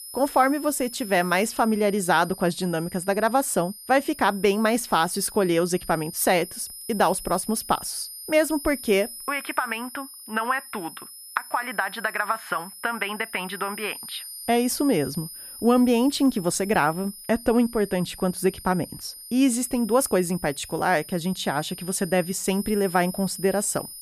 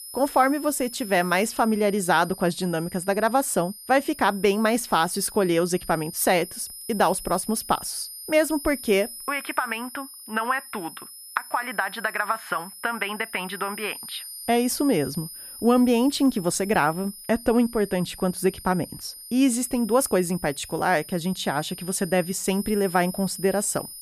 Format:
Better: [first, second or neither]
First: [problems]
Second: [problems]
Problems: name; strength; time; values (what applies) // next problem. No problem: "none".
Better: neither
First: high-pitched whine; noticeable; throughout; 10 kHz, 15 dB below the speech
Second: high-pitched whine; noticeable; throughout; 10 kHz, 15 dB below the speech